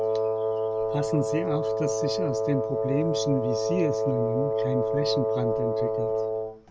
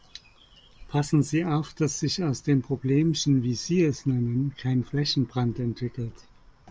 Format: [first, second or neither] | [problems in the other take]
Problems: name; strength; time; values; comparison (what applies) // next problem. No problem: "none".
second | background sound (Wind instrument, woodwind instrument); 4 dB above the speech